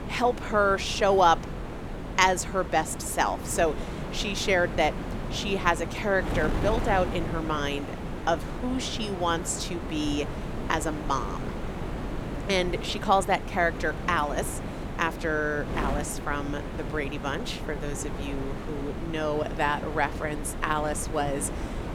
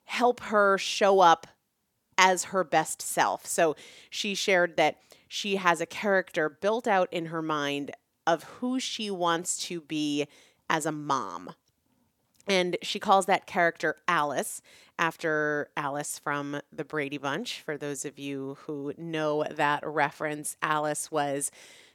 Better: second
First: wind noise on the microphone; occasional gusts; 10 dB below the speech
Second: none

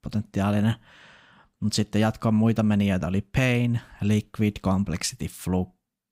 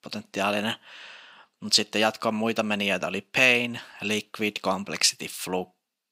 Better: first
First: none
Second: thin; somewhat; fading below 400 Hz

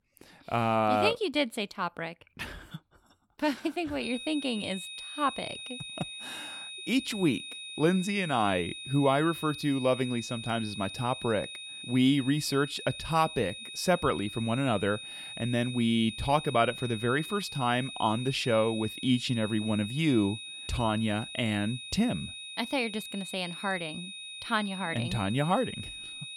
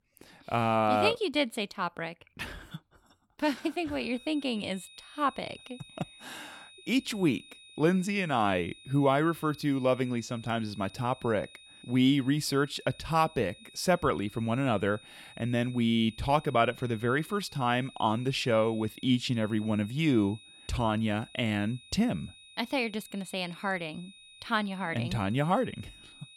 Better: second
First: high-pitched whine; loud; from 4 s on; 3.5 kHz, 10 dB below the speech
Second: high-pitched whine; faint; from 4 s on; 3.5 kHz, 20 dB below the speech

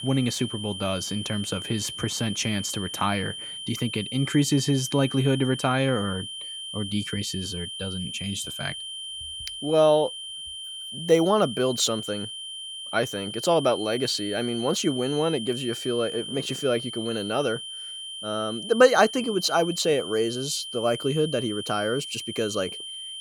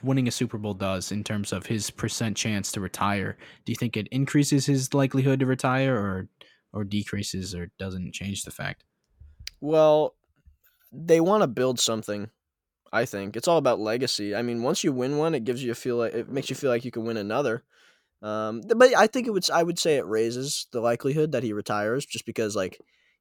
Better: second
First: high-pitched whine; loud; throughout; 3 kHz, 8 dB below the speech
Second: none

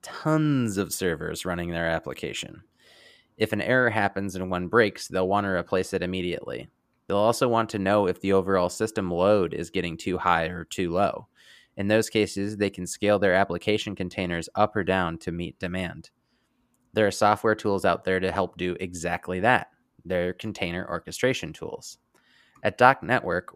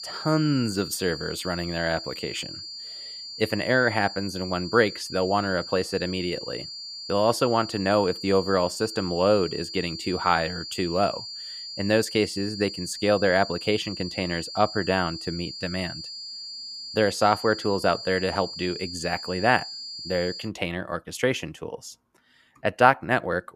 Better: first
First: none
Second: high-pitched whine; loud; until 20 s; 4.5 kHz, 9 dB below the speech

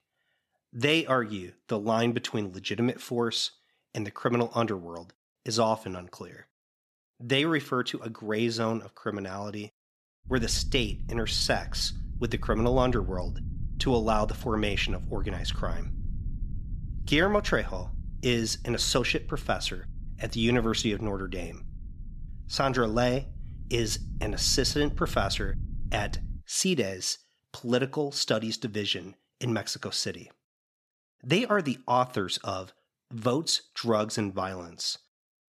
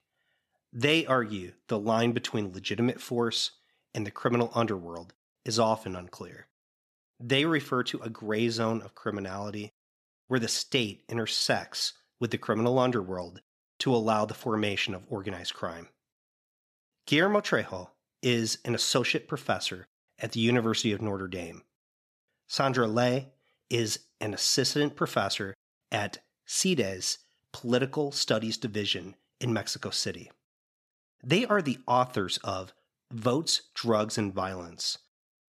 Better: second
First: low rumble; faint; from 10 to 26 s; 25 dB below the speech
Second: none

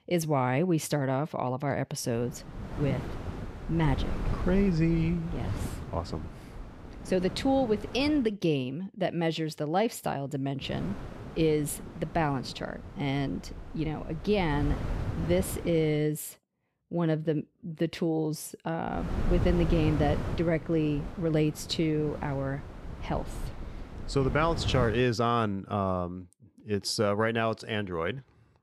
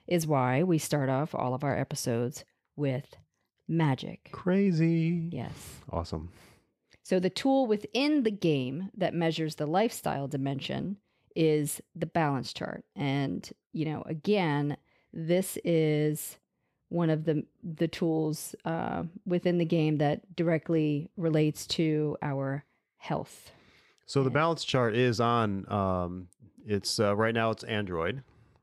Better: second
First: wind noise on the microphone; occasional gusts; from 2 to 8 s, from 11 to 16 s and from 19 to 25 s; 10 dB below the speech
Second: none

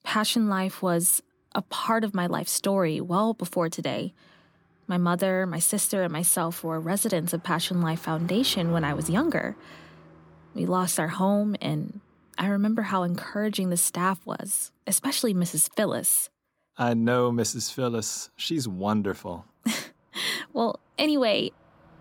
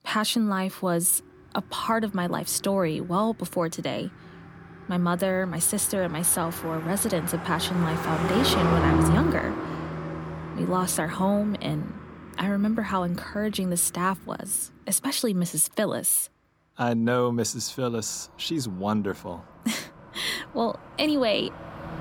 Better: first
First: traffic noise; faint; throughout; 25 dB below the speech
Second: traffic noise; loud; throughout; 5 dB below the speech

